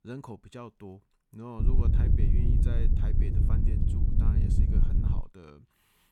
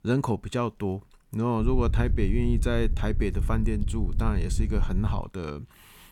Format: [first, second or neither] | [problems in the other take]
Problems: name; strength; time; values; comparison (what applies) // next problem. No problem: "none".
second | wind noise on the microphone; heavy; from 1.5 to 5 s; 4 dB above the speech; occasional gusts in the second